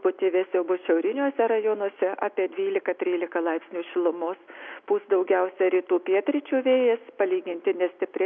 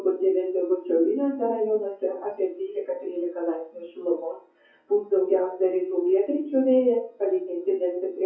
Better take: first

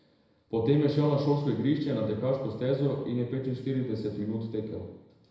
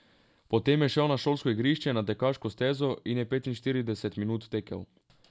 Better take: second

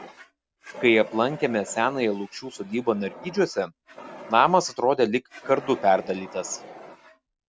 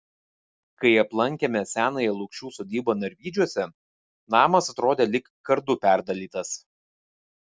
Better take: second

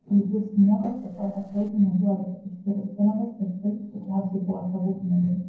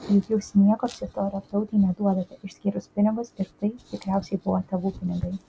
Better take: second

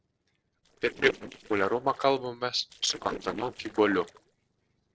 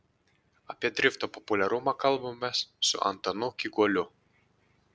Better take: second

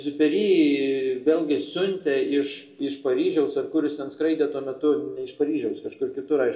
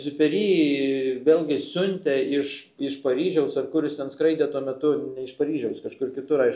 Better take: second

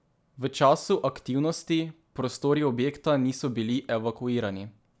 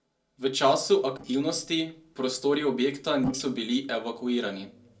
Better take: first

